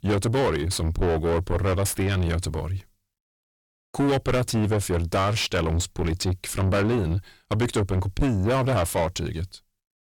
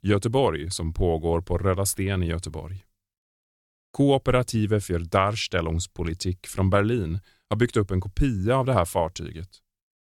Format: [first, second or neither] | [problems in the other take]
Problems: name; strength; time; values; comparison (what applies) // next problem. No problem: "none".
second | distortion; heavy; 5 dB below the speech